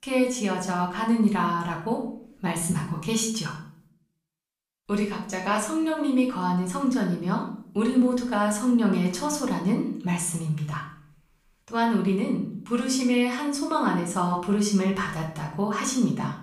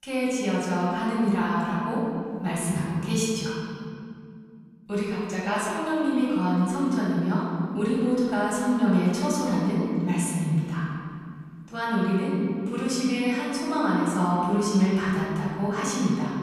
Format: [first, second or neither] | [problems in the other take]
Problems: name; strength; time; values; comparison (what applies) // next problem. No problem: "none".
first | room echo; strong; dies away in 2.3 s; slight in the first // off-mic speech; far; far in the first